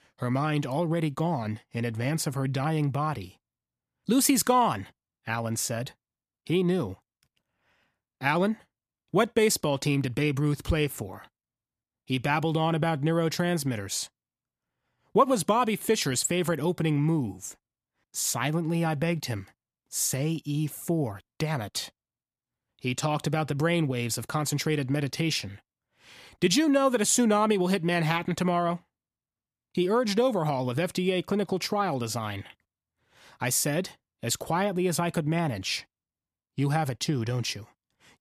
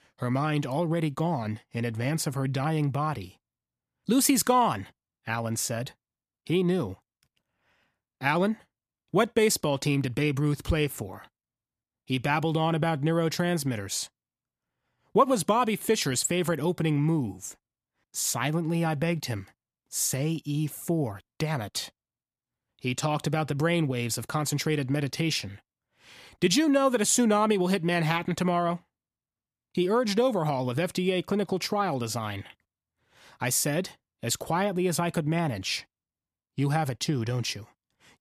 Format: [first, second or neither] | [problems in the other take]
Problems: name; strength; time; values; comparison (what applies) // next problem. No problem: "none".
neither | none